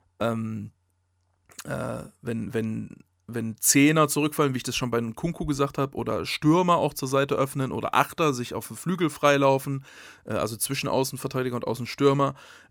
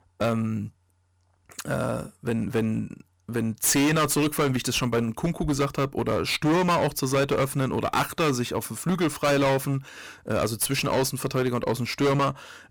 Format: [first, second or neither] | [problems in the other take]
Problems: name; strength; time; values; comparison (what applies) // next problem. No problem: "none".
first | distortion; heavy; 15% of the sound clipped